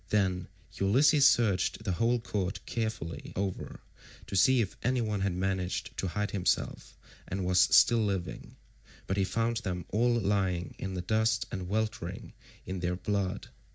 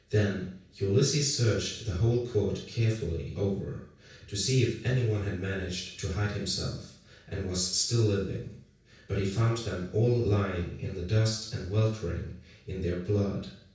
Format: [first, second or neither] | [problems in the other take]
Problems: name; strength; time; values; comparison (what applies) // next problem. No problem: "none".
first | room echo; dies away in 0.6 s